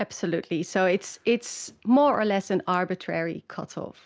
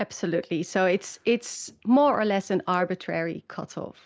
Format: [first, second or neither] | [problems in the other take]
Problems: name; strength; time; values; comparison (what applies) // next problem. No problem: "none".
first | noise reduction (neural mask model Resemble Enhance denoiser)